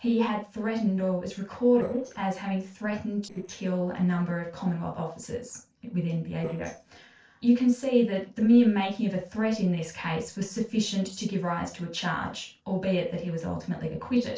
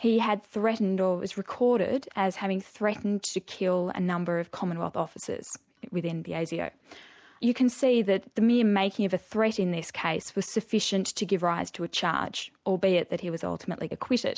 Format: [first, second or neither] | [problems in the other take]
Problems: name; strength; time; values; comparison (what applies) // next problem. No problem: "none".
second | noise reduction (neural separator model SepFormer DNS4)